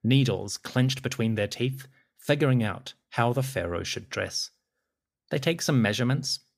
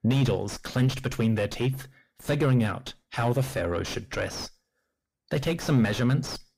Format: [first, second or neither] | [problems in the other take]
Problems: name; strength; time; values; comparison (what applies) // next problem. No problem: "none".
first | distortion; heavy; 6 dB below the speech